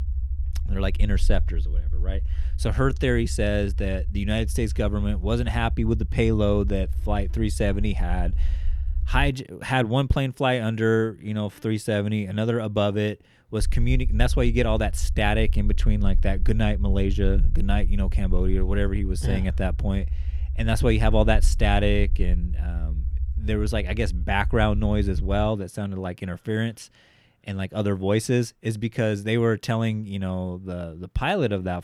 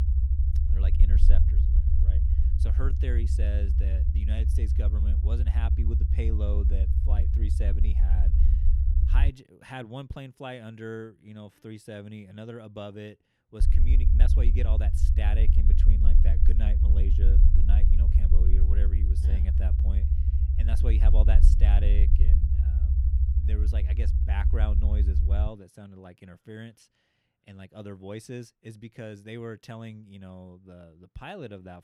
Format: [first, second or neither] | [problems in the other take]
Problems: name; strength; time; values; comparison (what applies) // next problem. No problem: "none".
first | low rumble; loud; until 9.5 s and from 14 to 25 s; 1 dB below the speech; faint in the first